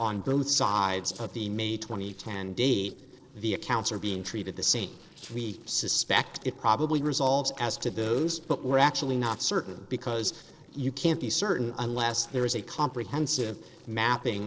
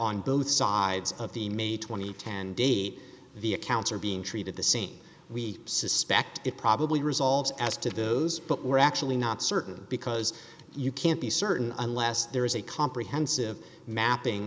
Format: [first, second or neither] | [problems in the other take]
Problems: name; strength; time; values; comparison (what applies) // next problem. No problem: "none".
second | noise reduction (neural separator model SepFormer DNS4)